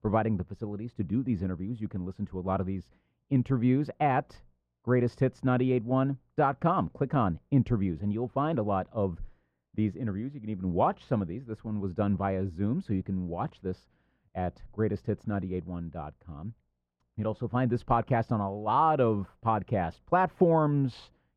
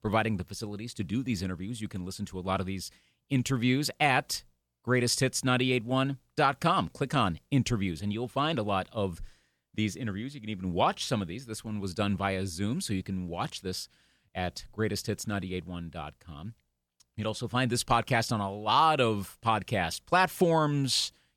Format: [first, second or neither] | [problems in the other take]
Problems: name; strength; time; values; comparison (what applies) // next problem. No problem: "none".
second | muffled; very; fading above 3 kHz